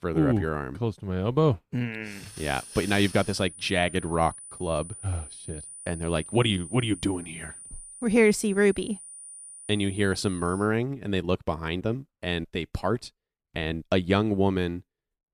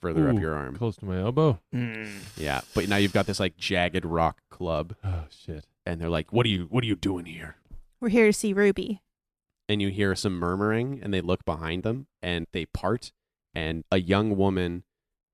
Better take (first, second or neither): second